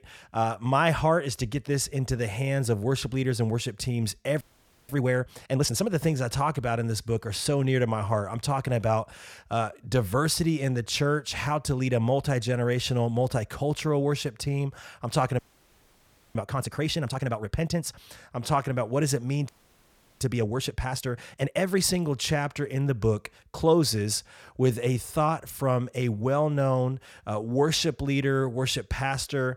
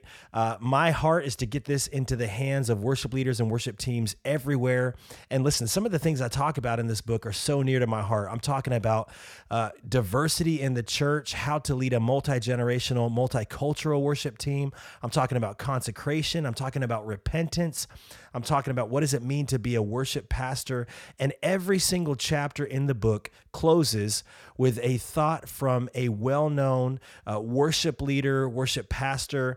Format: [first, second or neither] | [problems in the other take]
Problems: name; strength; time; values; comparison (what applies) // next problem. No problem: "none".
second | audio freezing; at 4.5 s, at 15 s for 1 s and at 19 s for 0.5 s